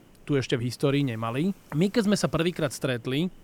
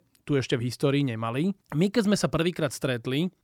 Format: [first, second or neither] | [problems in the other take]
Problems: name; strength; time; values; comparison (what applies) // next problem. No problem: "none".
second | hiss; faint; throughout; 30 dB below the speech